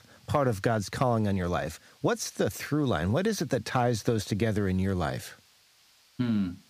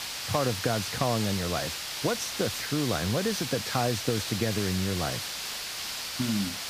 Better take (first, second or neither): first